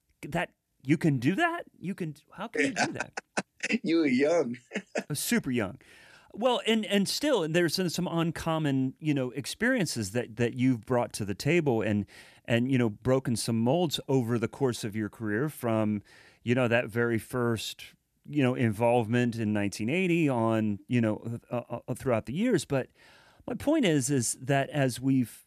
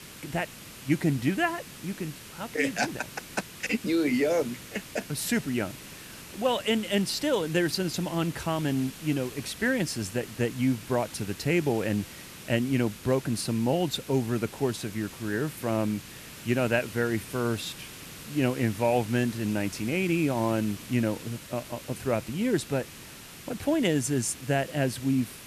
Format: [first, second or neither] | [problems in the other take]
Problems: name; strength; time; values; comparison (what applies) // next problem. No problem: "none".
first | hiss; noticeable; throughout; 15 dB below the speech